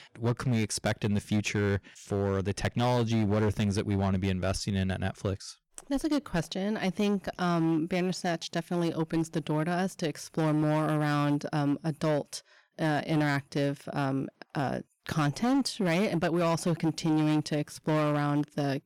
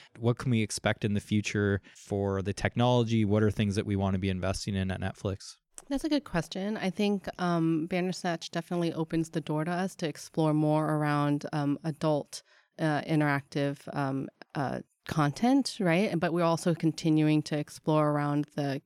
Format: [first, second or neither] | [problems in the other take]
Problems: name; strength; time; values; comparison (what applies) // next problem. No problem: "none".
second | distortion; slight; 11% of the sound clipped